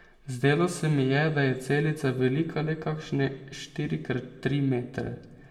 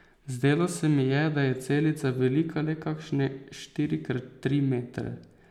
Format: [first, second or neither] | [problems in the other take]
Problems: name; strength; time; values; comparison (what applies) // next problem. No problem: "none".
second | room echo; dies away in 0.7 s